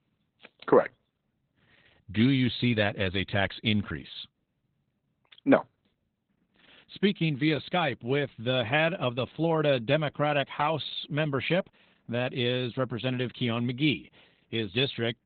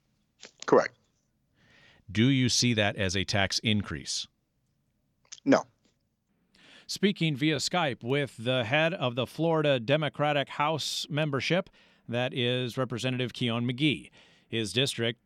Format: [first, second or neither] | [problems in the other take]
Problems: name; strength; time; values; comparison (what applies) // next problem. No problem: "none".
second | garbled, watery; badly; nothing above 4 kHz